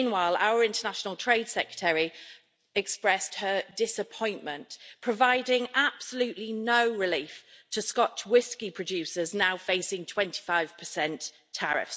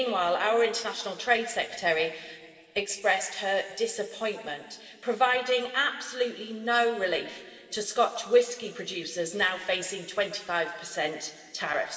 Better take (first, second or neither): first